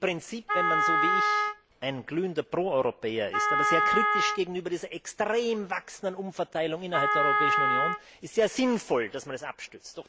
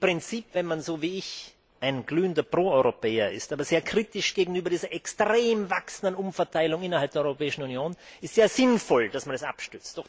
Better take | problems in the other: second | background sound (Wind instrument, woodwind instrument); 3 dB above the speech

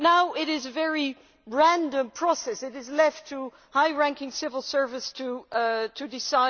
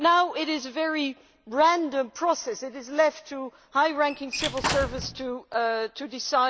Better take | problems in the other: first | background sound (Squeak / Slam / Wood); 6 dB below the speech

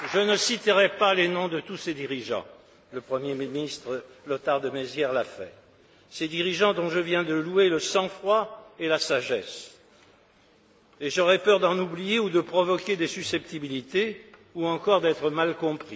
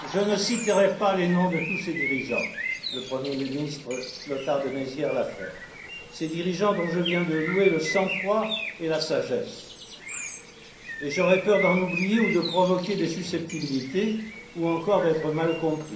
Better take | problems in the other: first | background sound (Bird); 9 dB below the speech // room echo; dies away in 0.6 s

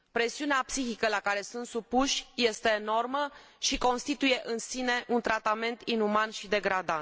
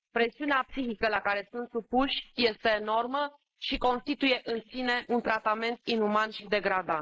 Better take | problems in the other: first | noise reduction (neural mask model Resemble Enhance denoiser)

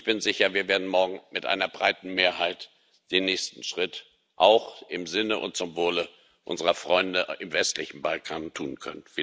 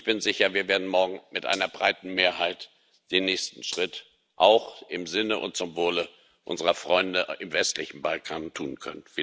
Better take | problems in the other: first | background sound (Gunshot, gunfire); 18 dB below the speech

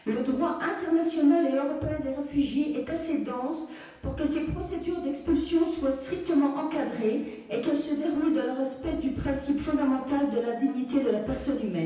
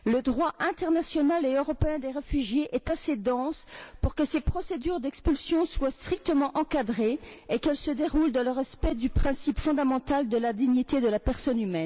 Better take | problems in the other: second | room echo; dies away in 0.9 s

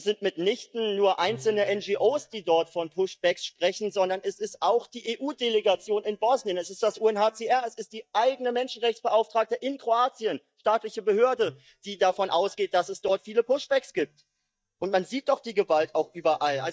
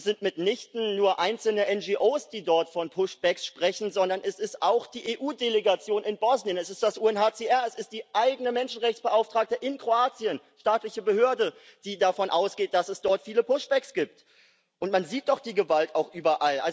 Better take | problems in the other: second | noise reduction (neural mask model DeepFilterNet 3)

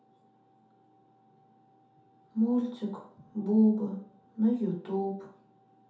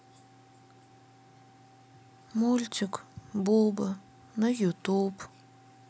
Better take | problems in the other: second | room echo; dies away in 0.5 s

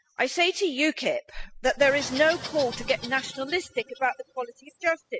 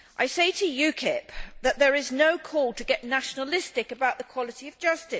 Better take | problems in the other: second | noise reduction (classical method spectral subtraction)

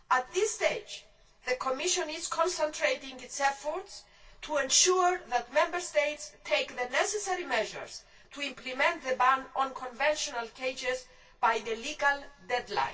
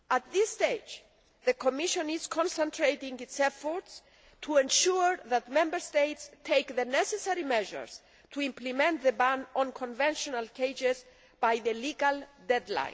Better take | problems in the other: second | room echo; dies away in 0.2 s

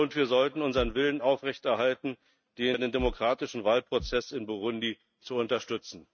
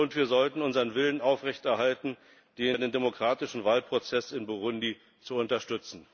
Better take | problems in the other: second | noise reduction (neural mask model RNNoise)

